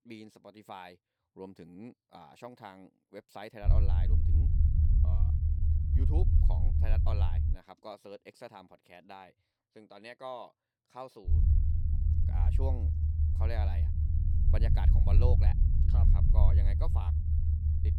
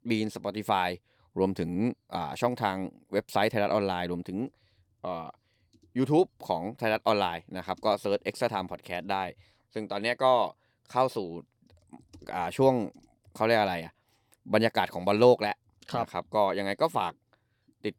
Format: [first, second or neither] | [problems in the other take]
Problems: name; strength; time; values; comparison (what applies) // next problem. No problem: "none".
second | low rumble; loud; from 3.5 to 7.5 s and from 11 s on; 1 dB below the speech